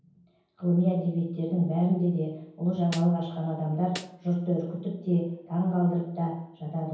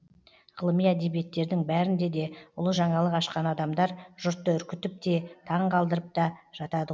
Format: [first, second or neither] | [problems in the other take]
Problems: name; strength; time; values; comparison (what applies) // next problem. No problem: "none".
second | background sound (Snare drum); 17 dB below the speech // room echo; dies away in 0.9 s